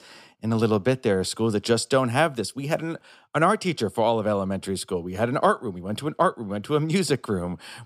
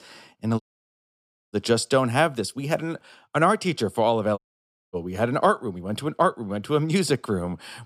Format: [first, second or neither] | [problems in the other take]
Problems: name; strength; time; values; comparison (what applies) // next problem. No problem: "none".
first | audio cutting out; at 0.5 s for 1 s and at 4.5 s for 0.5 s